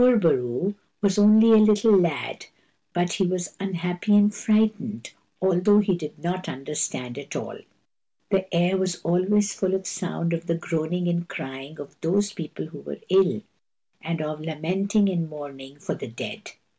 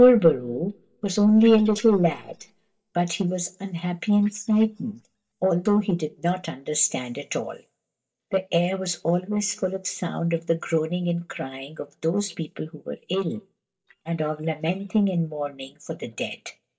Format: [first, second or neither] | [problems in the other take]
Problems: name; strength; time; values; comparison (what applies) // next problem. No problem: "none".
first | noise reduction (neural mask model DeepFilterNet 3)